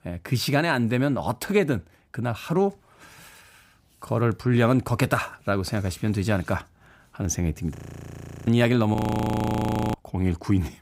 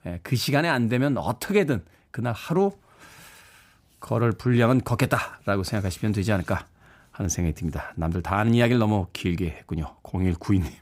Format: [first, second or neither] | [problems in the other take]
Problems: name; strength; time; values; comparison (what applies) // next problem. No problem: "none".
second | audio freezing; at 8 s for 0.5 s and at 9 s for 1 s